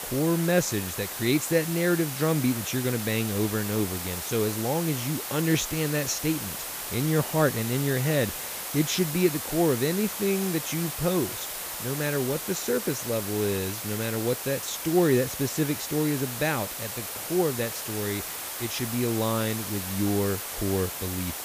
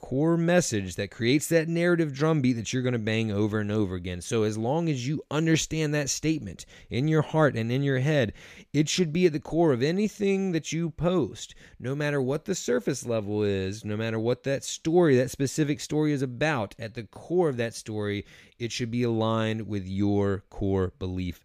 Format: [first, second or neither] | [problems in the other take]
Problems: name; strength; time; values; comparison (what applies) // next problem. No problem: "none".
second | hiss; loud; throughout; 5 dB below the speech